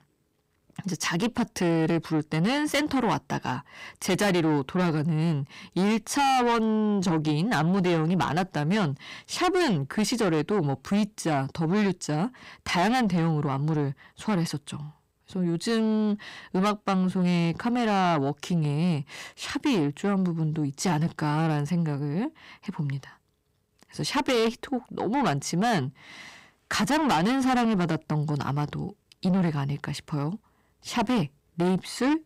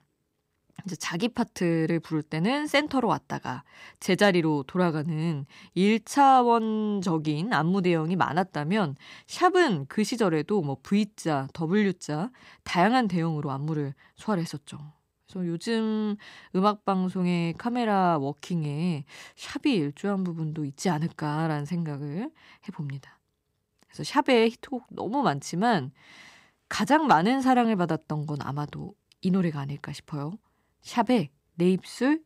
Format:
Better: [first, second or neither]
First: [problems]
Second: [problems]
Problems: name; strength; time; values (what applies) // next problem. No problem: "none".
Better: second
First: distortion; heavy; 7 dB below the speech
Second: none